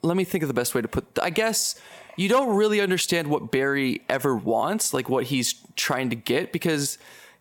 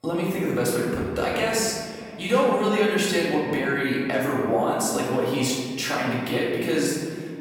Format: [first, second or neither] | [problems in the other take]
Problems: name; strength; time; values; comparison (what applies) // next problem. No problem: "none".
first | off-mic speech; far // room echo; noticeable; dies away in 1.8 s